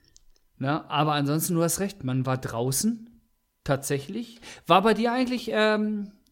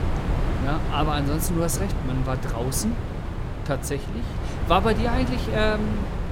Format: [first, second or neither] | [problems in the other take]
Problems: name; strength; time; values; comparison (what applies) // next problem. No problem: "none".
first | wind noise on the microphone; heavy; 8 dB below the speech